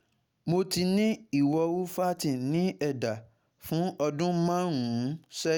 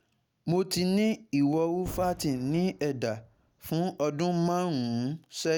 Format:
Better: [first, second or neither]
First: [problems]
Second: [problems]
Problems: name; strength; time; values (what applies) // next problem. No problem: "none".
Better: first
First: none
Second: background sound (Bowed string instrument + Boom); 19 dB below the speech